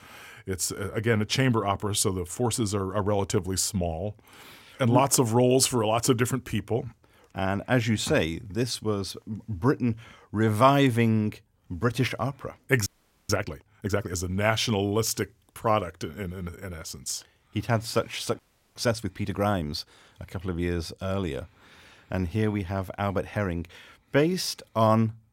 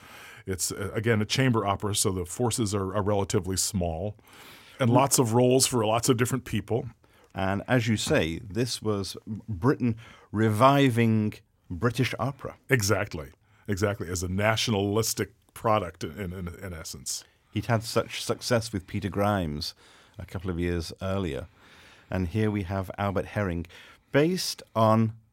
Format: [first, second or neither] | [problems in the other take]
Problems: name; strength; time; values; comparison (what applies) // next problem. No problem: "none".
second | audio freezing; at 13 s and at 18 s